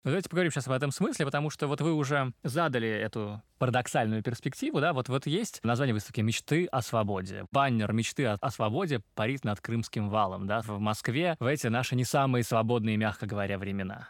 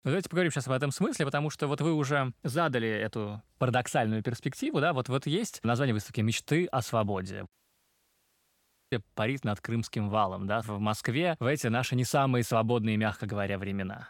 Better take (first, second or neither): first